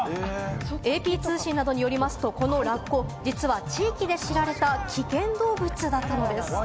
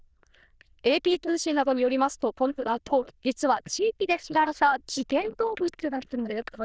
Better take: first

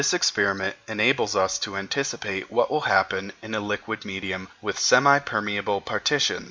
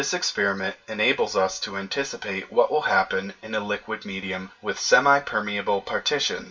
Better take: first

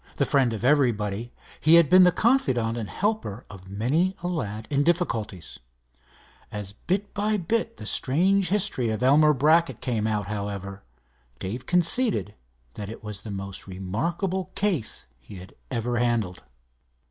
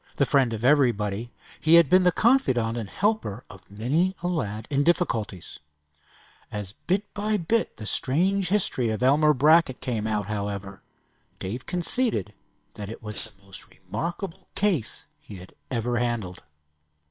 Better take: first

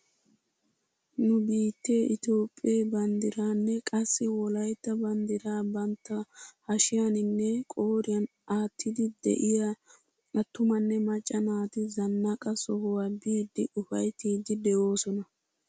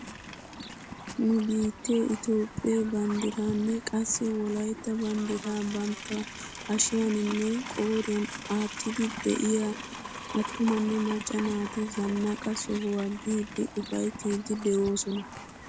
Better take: first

